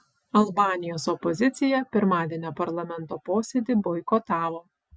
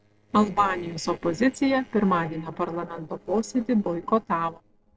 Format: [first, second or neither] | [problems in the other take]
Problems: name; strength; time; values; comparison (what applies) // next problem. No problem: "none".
first | noise reduction (neural separator model SepFormer DNS4)